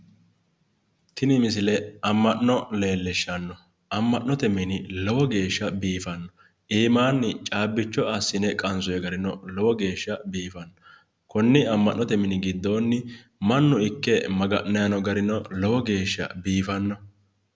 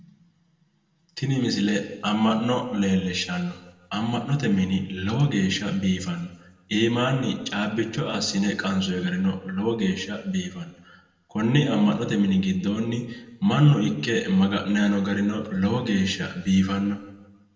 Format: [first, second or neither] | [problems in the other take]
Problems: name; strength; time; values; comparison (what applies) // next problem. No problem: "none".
first | room echo; dies away in 1 s